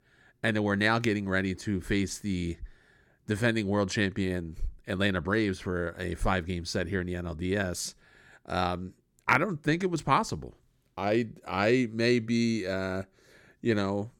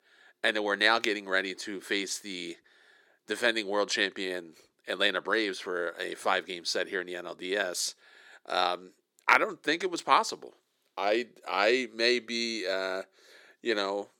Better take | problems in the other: first | thin; very; fading below 400 Hz

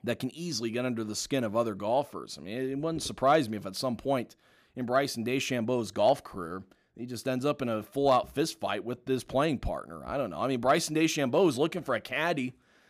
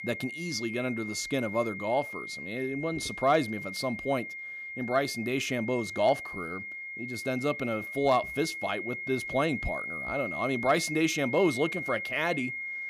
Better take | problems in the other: first | high-pitched whine; loud; throughout; 2 kHz, 6 dB below the speech

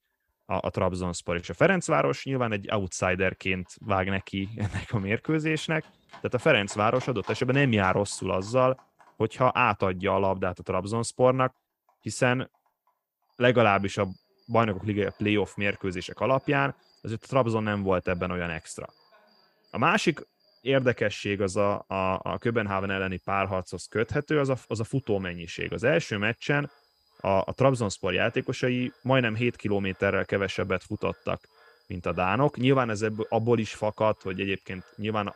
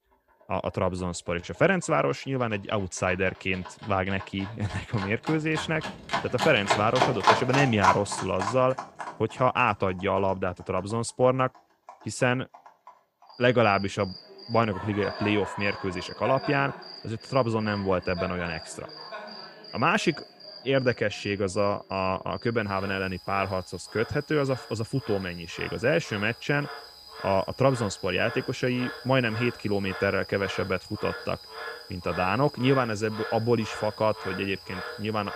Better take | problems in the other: first | animal sounds; loud; throughout; 8 dB below the speech; faint in the first

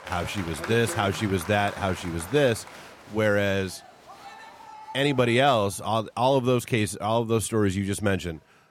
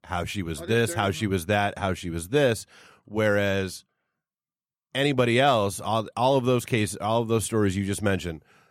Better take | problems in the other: second | crowd noise; noticeable; throughout; 15 dB below the speech

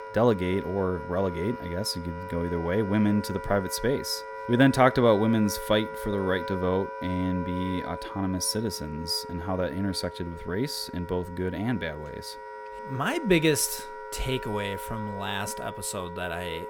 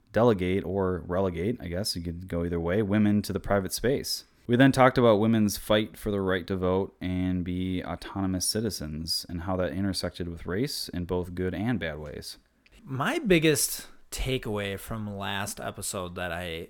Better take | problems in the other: second | background music; noticeable; throughout; 10 dB below the speech

